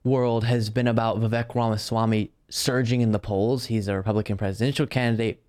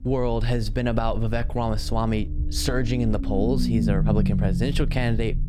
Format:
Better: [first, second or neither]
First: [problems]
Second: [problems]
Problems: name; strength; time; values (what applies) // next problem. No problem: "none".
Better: first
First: none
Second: low rumble; loud; throughout; 7 dB below the speech